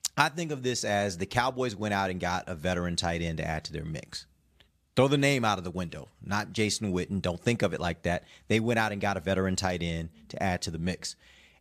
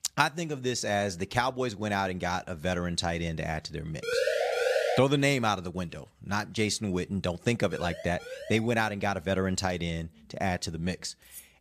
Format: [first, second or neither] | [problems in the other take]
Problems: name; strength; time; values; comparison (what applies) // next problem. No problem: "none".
first | siren; loud; at 4 s; peak 3 dB above the speech // siren; faint; at 7.5 s; peak 10 dB below the speech // clattering dishes; faint; at 11 s; peak 20 dB below the speech